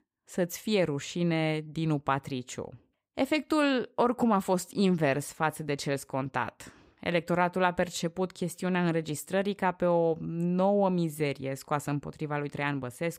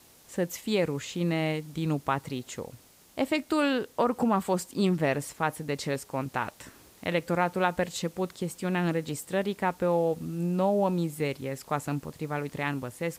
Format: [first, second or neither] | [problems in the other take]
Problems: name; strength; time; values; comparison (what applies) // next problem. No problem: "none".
first | hiss; faint; throughout; 25 dB below the speech